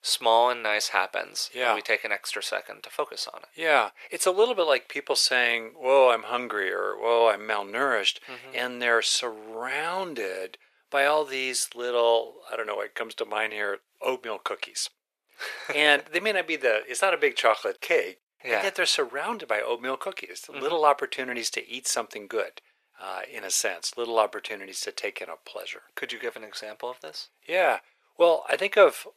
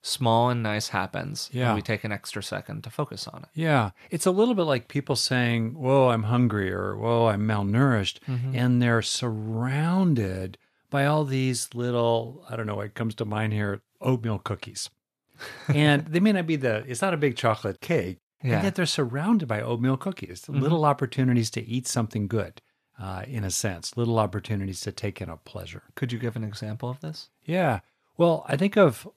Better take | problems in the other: second | thin; very; fading below 450 Hz

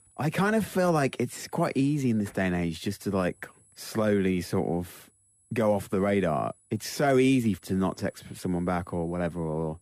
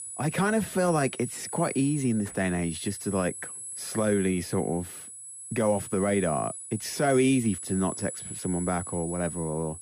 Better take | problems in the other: first | high-pitched whine; loud; throughout; 10.5 kHz, 9 dB below the speech; faint in the first

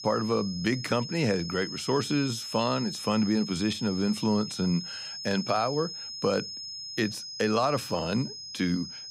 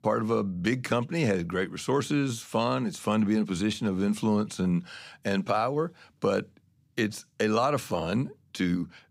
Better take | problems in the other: second | high-pitched whine; loud; throughout; 5 kHz, 8 dB below the speech

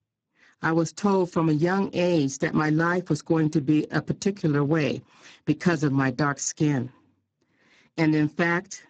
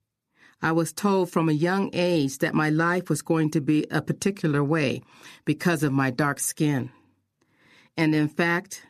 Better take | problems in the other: second | garbled, watery; badly

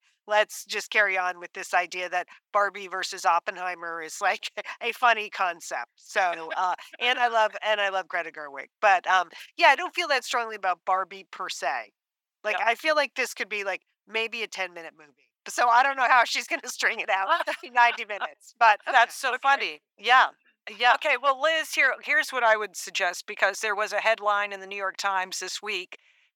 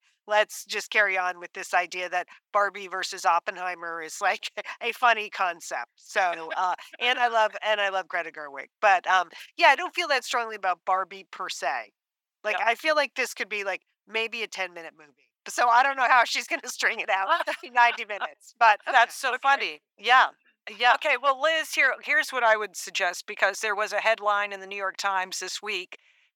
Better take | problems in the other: neither | thin; very; fading below 850 Hz; the same in both

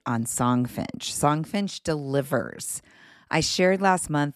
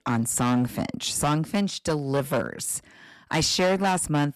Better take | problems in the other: first | distortion; heavy; 8% of the sound clipped

